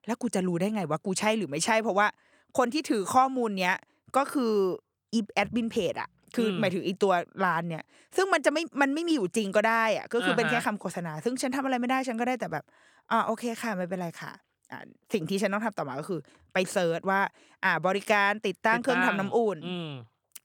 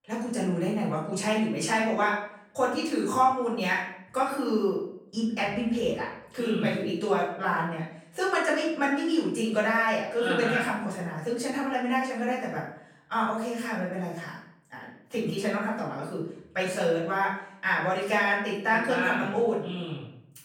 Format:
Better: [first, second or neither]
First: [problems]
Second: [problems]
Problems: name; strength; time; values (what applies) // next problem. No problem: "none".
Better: first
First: none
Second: off-mic speech; far // room echo; noticeable; dies away in 0.6 s